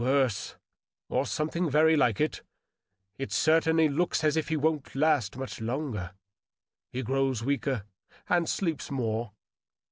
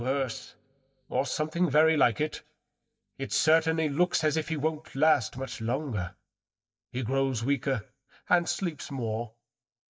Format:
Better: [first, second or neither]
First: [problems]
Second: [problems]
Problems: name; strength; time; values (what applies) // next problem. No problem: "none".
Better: first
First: none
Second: noise reduction (neural mask model DeepFilterNet 3)